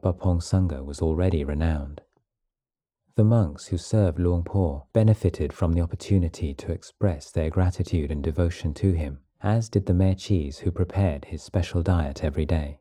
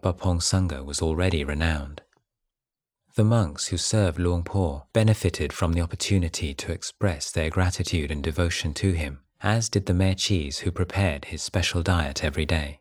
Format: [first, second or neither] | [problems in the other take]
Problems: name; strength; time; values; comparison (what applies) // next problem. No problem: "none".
second | muffled; slightly; fading above 1 kHz